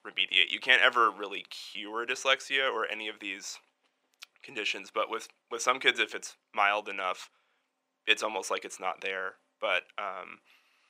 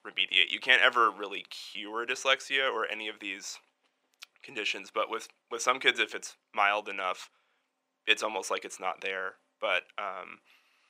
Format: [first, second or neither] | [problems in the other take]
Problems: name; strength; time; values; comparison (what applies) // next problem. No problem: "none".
neither | thin; very; fading below 750 Hz; the same in both